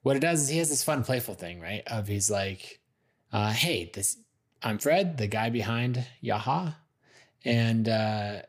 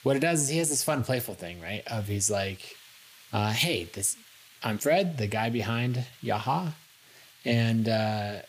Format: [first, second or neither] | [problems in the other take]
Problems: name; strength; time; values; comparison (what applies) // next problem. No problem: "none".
first | hiss; faint; throughout; 25 dB below the speech